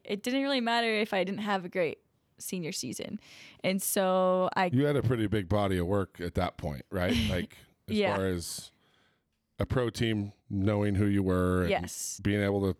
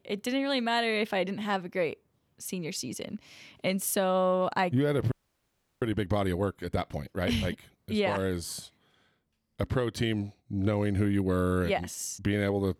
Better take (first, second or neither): first